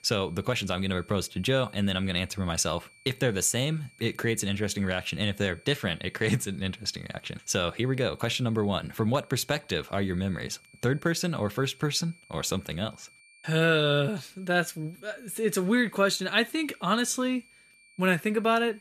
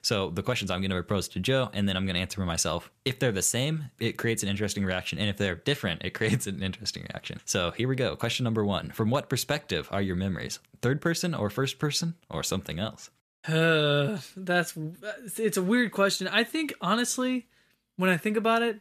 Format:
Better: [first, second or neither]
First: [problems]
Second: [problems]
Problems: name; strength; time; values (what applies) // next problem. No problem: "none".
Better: second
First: high-pitched whine; faint; throughout; 2.5 kHz, 30 dB below the speech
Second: none